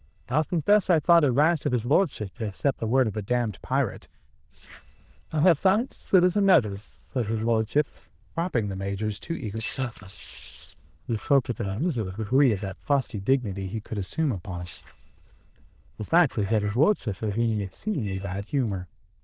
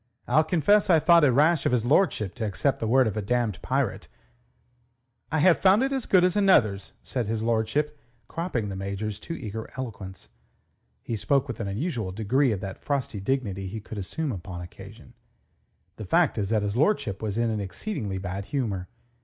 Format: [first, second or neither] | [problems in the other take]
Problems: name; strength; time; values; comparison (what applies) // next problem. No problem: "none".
second | noise reduction (neural diffusion model UNIVERSE++)